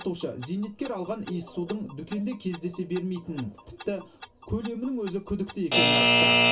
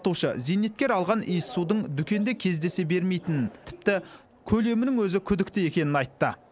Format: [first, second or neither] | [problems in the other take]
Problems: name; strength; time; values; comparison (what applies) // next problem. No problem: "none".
second | background sound (Alarm / Clock); 3 dB above the speech // room echo; dies away in 0.2 s